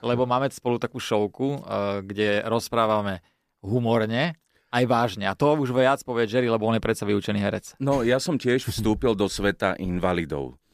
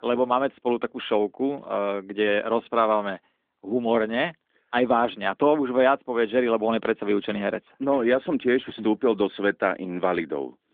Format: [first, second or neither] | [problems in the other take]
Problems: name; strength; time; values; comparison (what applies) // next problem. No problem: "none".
first | phone-call audio; nothing above 3.5 kHz